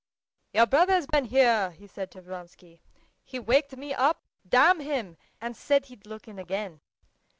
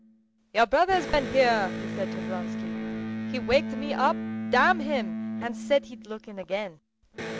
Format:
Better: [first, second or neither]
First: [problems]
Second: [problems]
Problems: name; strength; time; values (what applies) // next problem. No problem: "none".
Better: first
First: none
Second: background sound (Electric guitar); 6 dB below the speech